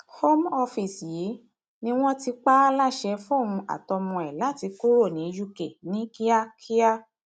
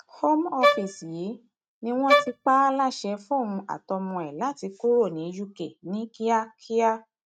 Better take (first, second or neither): first